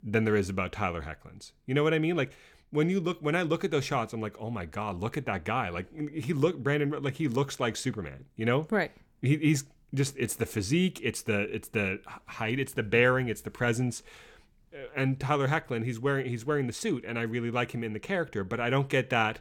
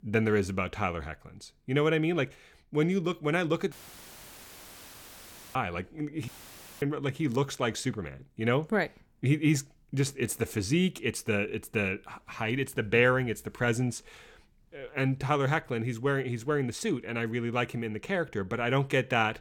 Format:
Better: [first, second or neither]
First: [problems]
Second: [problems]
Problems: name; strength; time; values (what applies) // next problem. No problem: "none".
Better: first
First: none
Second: audio cutting out; filled with static; at 3.5 s for 2 s and at 6.5 s for 0.5 s